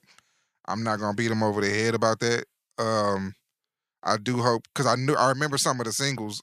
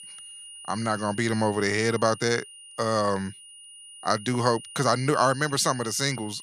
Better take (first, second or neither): first